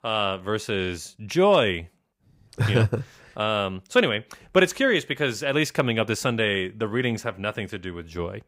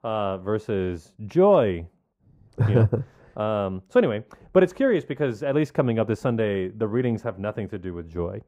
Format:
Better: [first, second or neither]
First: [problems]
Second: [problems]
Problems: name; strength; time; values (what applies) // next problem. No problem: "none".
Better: first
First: none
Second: muffled; very; fading above 1.5 kHz